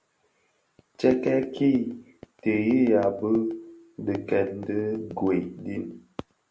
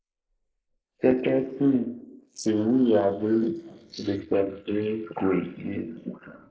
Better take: first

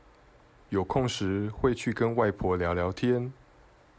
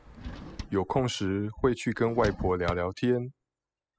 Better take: first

